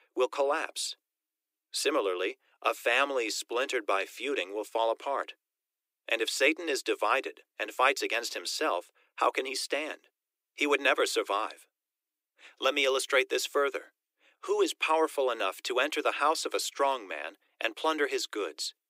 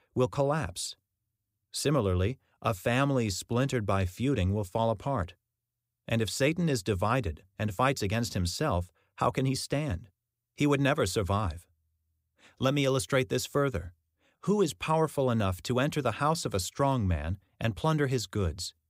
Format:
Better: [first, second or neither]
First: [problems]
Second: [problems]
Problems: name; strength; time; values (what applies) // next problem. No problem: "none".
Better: second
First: thin; very; fading below 300 Hz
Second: none